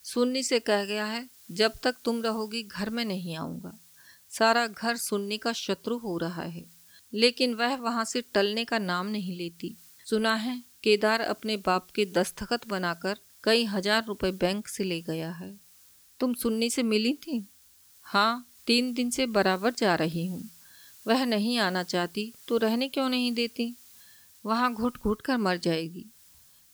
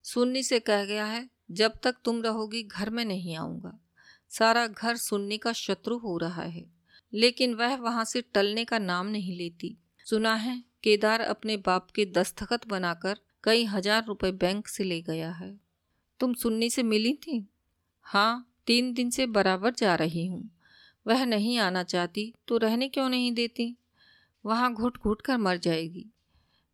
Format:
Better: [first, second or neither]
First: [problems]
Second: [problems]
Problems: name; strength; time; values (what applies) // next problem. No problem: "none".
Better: second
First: hiss; faint; throughout; 25 dB below the speech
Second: none